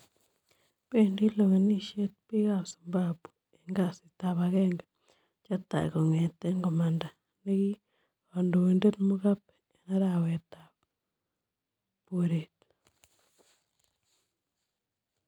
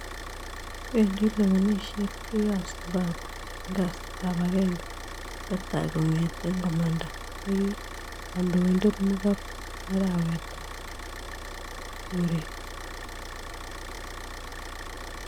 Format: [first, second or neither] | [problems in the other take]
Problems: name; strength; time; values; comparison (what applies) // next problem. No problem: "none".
first | background sound (Idling / Car); 8 dB below the speech